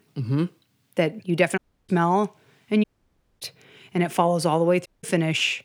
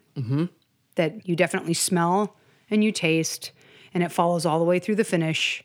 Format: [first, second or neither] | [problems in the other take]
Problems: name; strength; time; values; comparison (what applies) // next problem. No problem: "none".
second | audio cutting out; at 1.5 s, at 3 s for 0.5 s and at 5 s